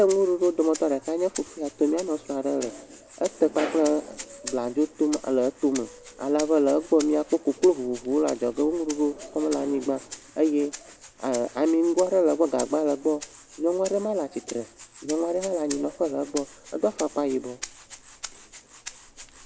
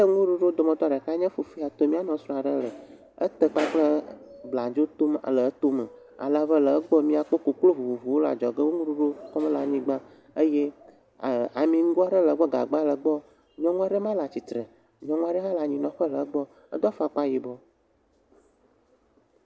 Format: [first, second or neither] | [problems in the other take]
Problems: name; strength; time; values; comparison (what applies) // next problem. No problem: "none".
second | background sound (Rattle (instrument)); 17 dB below the speech